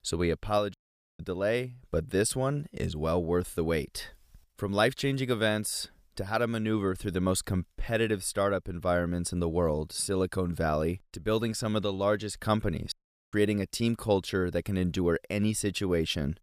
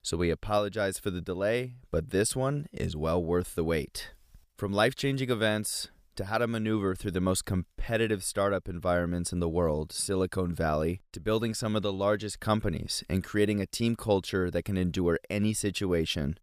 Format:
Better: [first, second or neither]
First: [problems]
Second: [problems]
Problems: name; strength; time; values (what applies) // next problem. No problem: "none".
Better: second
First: audio cutting out; at 0.5 s and at 13 s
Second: none